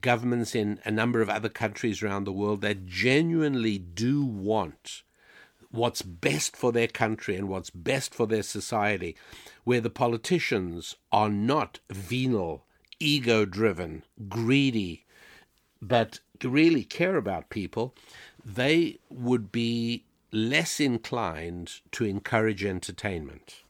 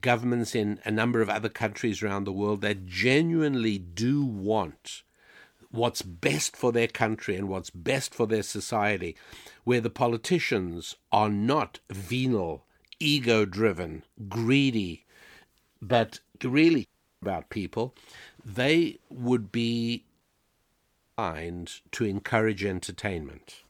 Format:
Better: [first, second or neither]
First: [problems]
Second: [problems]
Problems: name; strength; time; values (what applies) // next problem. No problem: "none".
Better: first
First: none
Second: audio cutting out; at 17 s and at 20 s for 1 s